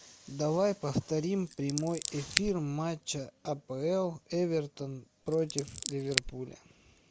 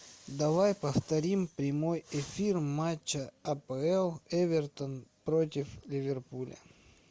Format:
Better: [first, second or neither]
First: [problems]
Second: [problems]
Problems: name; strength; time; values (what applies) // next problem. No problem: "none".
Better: second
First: background sound (Scissors); 4 dB below the speech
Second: none